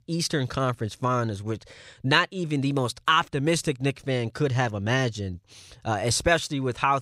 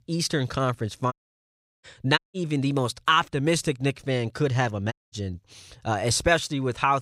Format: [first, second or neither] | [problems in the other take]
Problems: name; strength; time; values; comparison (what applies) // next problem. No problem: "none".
first | audio cutting out; at 1 s for 0.5 s, at 2 s and at 5 s